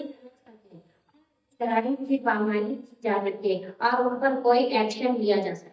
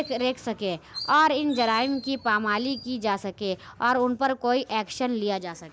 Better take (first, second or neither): second